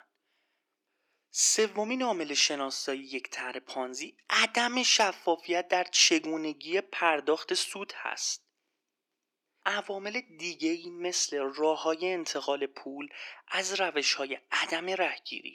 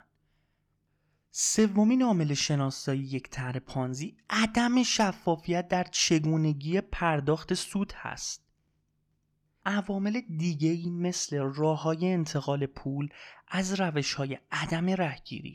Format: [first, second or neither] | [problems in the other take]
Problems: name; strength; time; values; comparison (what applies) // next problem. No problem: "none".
second | thin; very; fading below 300 Hz